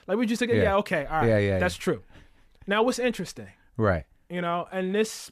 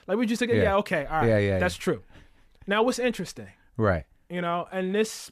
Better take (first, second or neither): neither